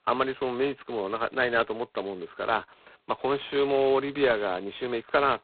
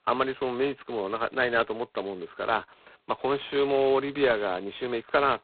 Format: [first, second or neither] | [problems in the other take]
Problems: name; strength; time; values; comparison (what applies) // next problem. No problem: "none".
neither | phone-call audio; poor line; nothing above 4 kHz; the same in both